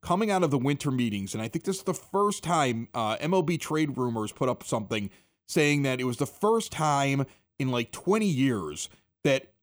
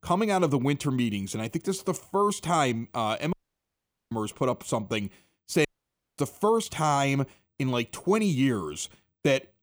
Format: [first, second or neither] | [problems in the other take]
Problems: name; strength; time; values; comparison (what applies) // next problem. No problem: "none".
first | audio cutting out; at 3.5 s for 1 s and at 5.5 s for 0.5 s